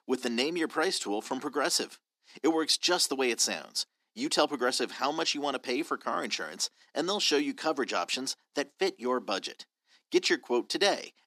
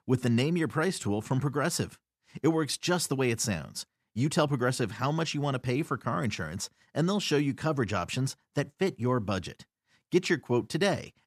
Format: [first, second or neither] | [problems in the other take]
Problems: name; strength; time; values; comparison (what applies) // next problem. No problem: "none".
second | thin; somewhat; fading below 250 Hz